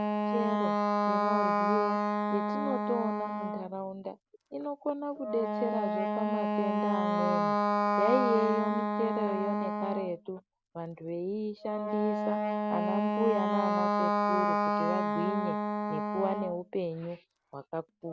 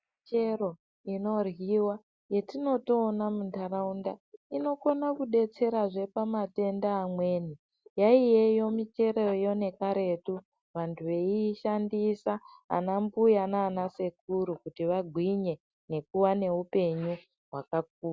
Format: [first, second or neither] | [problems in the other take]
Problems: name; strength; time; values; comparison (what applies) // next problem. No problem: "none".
second | background sound (Wind instrument, woodwind instrument); 4 dB above the speech